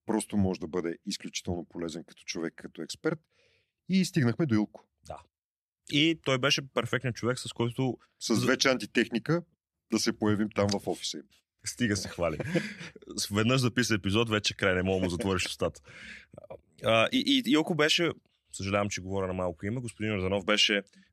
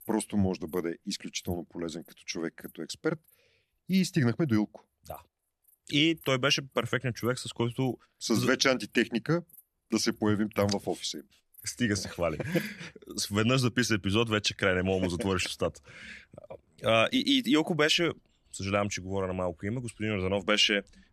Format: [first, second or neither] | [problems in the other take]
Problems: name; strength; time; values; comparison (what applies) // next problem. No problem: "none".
first | animal sounds; faint; throughout; 30 dB below the speech